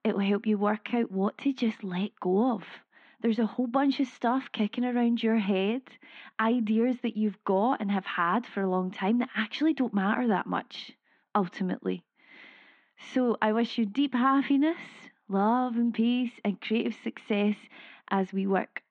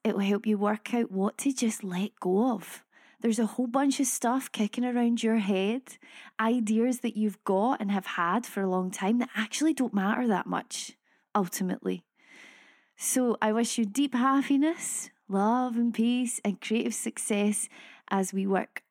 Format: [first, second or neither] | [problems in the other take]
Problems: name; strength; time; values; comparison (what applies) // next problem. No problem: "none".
second | muffled; very; fading above 4 kHz